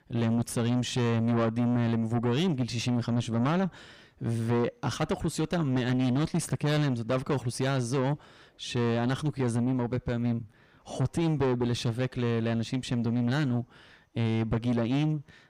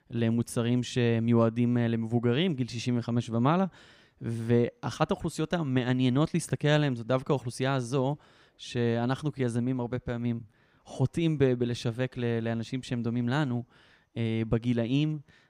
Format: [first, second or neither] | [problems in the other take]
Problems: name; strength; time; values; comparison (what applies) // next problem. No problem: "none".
second | distortion; heavy; 8 dB below the speech